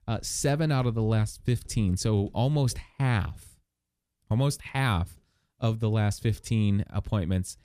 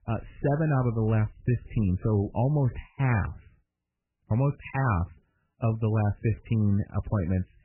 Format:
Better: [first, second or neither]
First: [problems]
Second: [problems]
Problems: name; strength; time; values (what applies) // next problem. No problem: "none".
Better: first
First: none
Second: garbled, watery; badly; nothing above 2.5 kHz